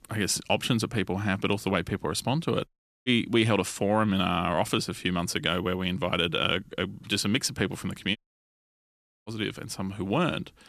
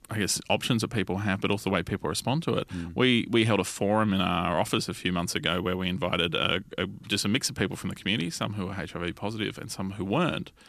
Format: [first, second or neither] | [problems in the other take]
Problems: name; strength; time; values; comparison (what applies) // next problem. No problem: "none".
second | audio cutting out; at 2.5 s and at 8 s for 1 s